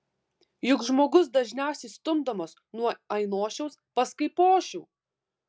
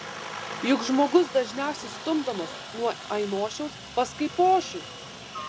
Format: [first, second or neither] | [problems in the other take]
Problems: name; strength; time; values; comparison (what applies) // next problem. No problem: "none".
first | background sound (Aircraft); 11 dB below the speech